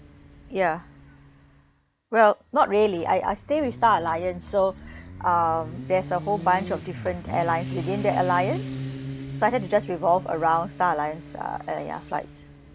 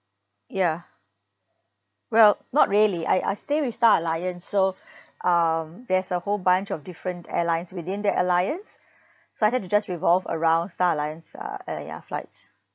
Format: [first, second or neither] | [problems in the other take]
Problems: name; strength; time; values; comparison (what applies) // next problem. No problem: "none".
second | background sound (Motorcycle); 12 dB below the speech